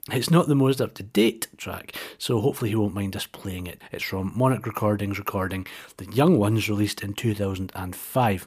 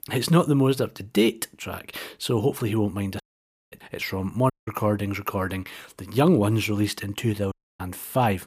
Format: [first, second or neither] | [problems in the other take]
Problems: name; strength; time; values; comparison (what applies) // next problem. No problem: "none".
first | audio cutting out; at 3 s for 0.5 s, at 4.5 s and at 7.5 s